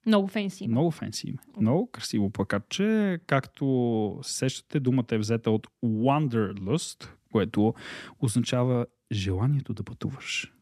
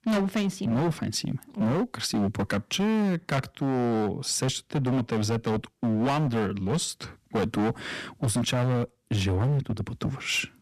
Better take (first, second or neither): first